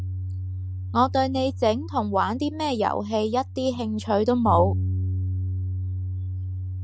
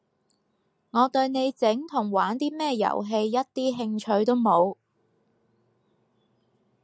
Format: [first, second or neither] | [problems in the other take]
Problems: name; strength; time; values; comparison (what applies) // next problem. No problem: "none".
second | background sound (Bass guitar); 4 dB below the speech